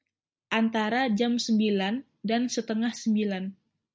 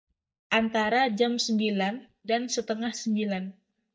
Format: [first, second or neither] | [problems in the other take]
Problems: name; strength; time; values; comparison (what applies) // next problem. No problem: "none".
first | noise reduction (neural mask model DeepFilterNet 3)